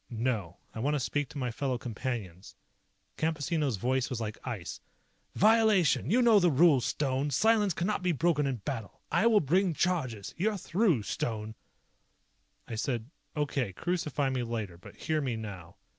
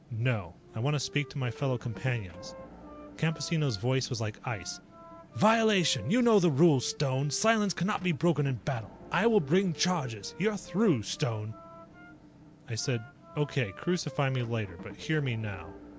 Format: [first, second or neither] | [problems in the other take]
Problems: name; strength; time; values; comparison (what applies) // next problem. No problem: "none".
first | background sound (Wind instrument, woodwind instrument + Motor vehicle (road) / Engine); 18 dB below the speech